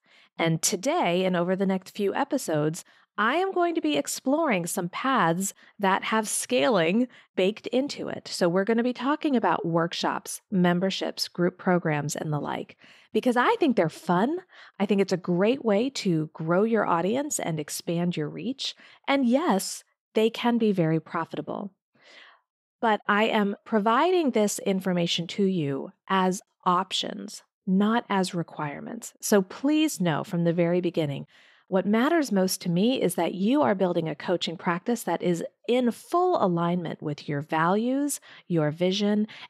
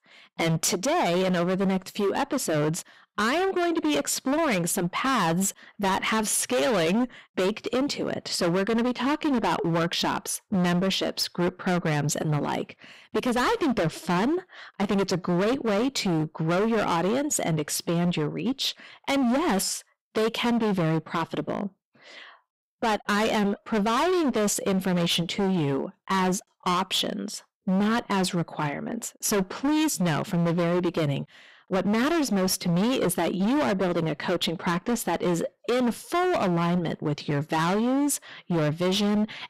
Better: first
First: none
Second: distortion; heavy; 24% of the sound clipped

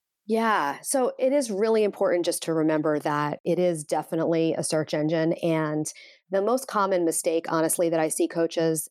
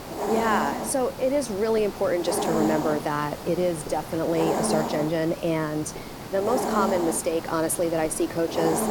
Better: first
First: none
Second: hiss; loud; throughout; 5 dB below the speech

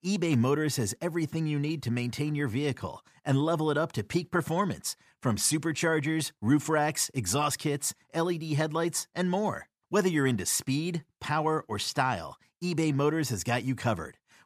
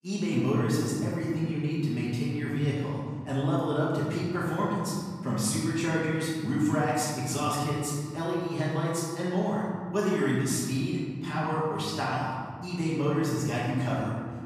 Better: first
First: none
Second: room echo; noticeable; dies away in 2 s // off-mic speech; far

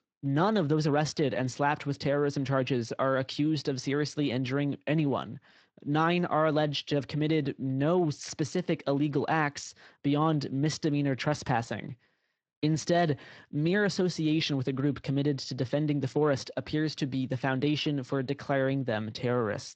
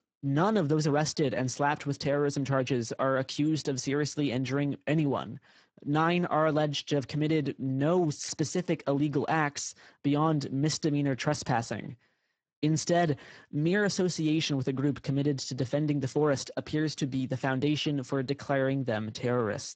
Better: first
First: garbled, watery; slightly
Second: garbled, watery; badly; nothing above 7.5 kHz

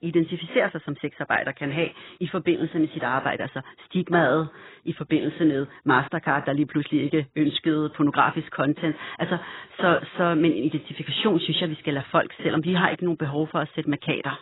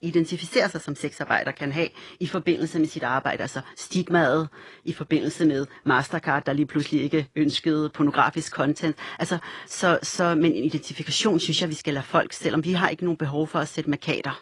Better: second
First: garbled, watery; badly; nothing above 4 kHz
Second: garbled, watery; slightly; nothing above 10.5 kHz

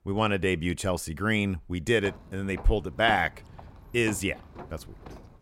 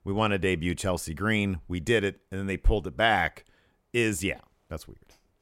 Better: second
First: footsteps; faint; from 2 s on; peak 10 dB below the speech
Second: none

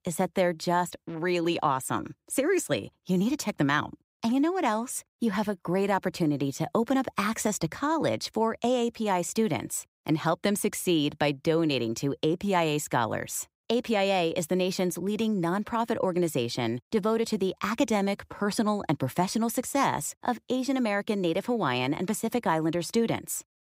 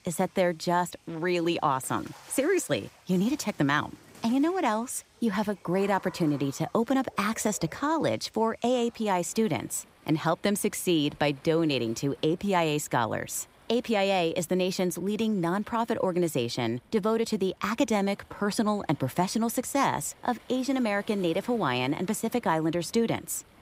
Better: first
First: none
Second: rain or running water; faint; throughout; 25 dB below the speech

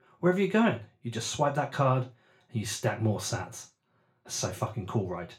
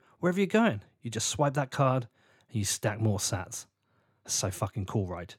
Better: second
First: room echo; very slight; dies away in 0.3 s // off-mic speech; far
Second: none

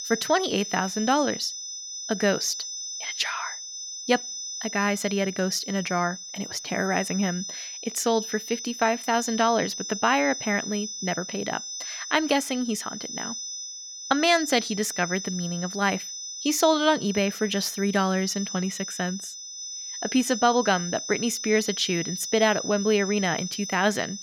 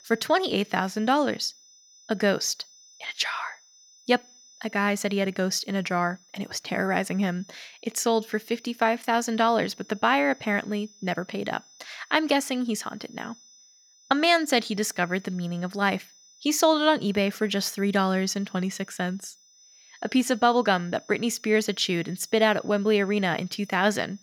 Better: second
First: high-pitched whine; loud; throughout; 6 kHz, 8 dB below the speech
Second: high-pitched whine; faint; throughout; 6 kHz, 25 dB below the speech

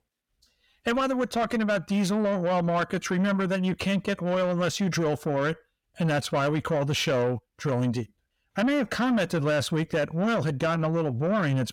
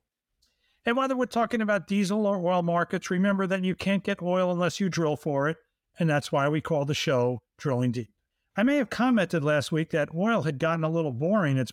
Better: second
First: distortion; slight; 10 dB below the speech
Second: none

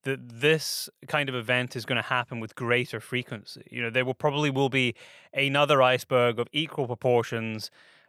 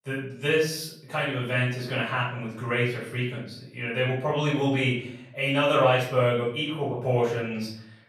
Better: first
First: none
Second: off-mic speech; far // room echo; noticeable; dies away in 0.6 s

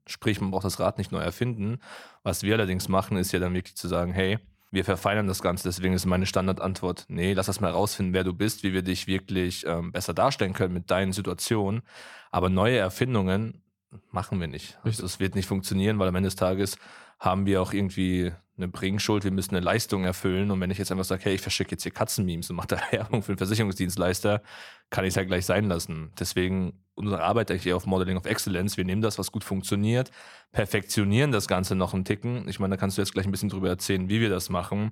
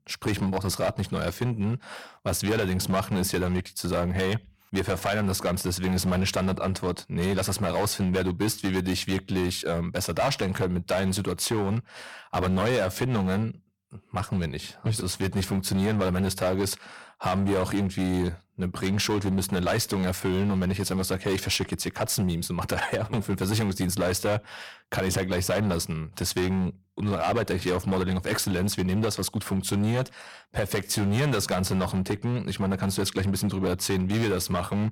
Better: first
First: none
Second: distortion; heavy; 12% of the sound clipped

